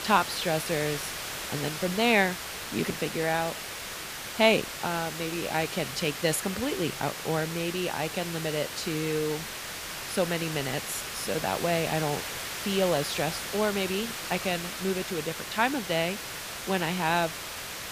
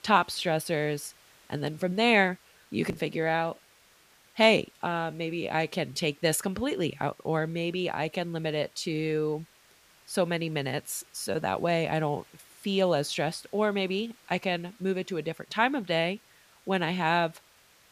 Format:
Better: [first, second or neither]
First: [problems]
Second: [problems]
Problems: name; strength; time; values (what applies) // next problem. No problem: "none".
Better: second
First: hiss; loud; throughout; 5 dB below the speech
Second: hiss; faint; throughout; 30 dB below the speech